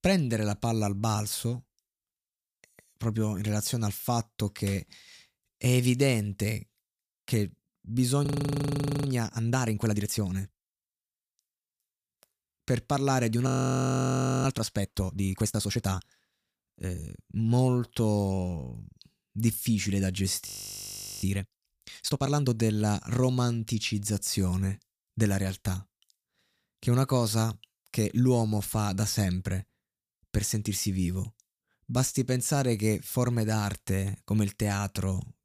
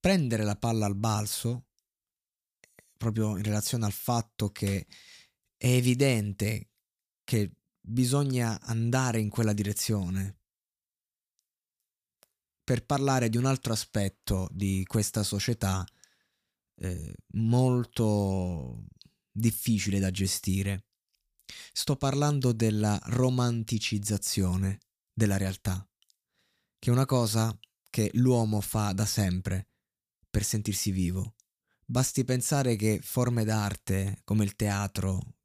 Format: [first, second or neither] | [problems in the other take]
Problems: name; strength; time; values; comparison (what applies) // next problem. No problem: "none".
second | audio freezing; at 8.5 s for 1 s, at 13 s for 1 s and at 20 s for 1 s